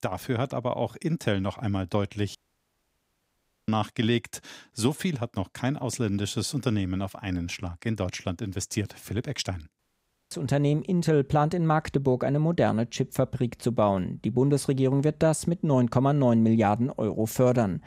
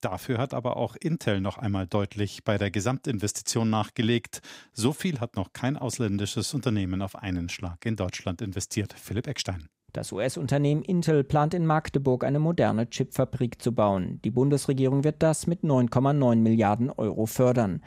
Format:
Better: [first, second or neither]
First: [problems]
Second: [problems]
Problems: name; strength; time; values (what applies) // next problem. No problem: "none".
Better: second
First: audio cutting out; at 2.5 s for 1.5 s and at 10 s for 0.5 s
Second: none